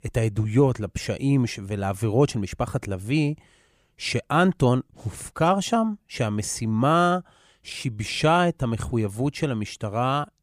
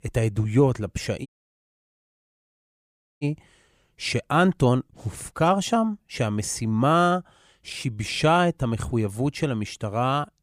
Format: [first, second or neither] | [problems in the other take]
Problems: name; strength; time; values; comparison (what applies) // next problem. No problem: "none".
first | audio cutting out; at 1.5 s for 2 s